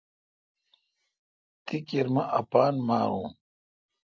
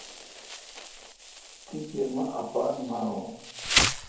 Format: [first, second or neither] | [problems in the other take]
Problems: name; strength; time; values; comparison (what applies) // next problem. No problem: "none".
first | background sound (Insect); 1 dB above the speech // room echo; dies away in 2.7 s